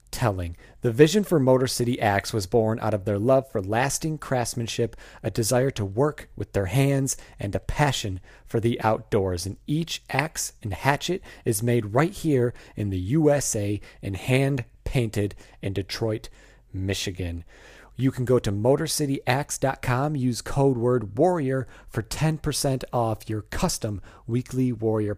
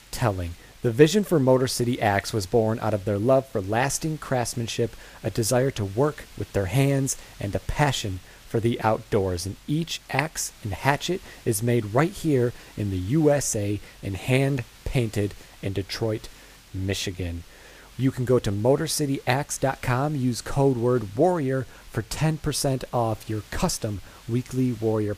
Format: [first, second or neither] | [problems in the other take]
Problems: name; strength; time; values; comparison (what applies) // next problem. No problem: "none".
first | hiss; faint; throughout; 25 dB below the speech